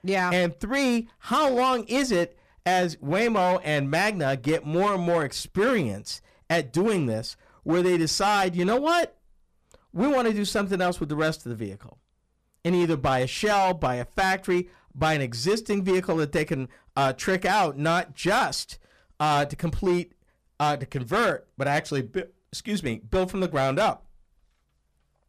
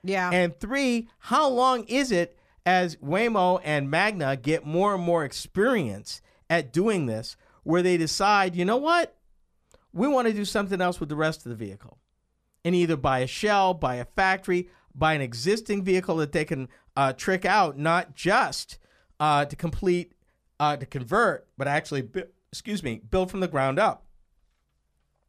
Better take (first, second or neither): second